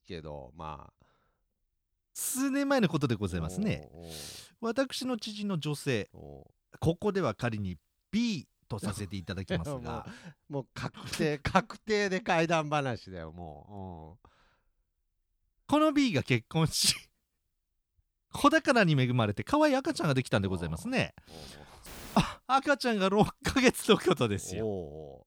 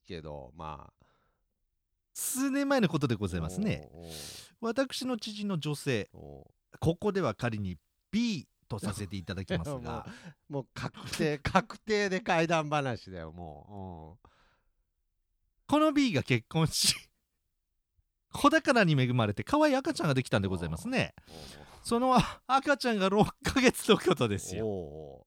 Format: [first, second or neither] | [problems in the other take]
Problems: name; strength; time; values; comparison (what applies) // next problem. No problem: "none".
second | audio cutting out; filled with static; at 22 s